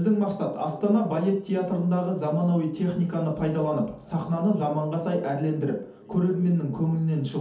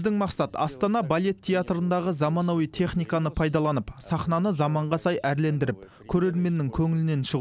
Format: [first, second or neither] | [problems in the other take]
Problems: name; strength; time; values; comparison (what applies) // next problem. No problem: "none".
second | room echo; dies away in 0.6 s